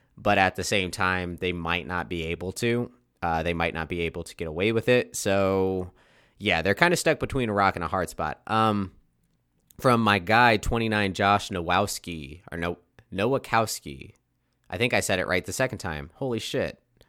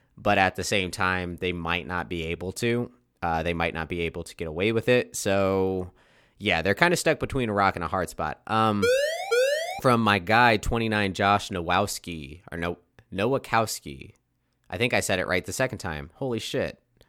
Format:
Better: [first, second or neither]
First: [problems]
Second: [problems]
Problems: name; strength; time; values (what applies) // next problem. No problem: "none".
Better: first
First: none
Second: siren; loud; at 9 s; peak 2 dB above the speech